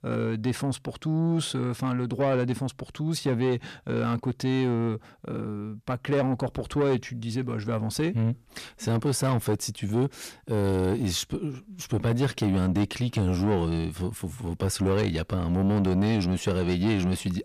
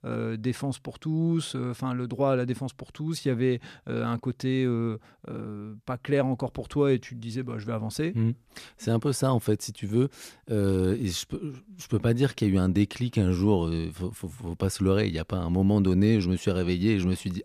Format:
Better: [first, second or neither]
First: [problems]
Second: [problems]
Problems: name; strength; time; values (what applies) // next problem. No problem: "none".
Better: second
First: distortion; slight; 10 dB below the speech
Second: none